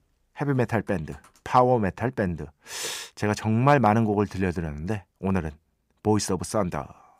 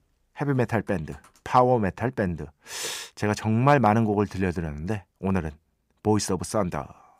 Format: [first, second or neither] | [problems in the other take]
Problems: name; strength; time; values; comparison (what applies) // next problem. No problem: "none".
neither | none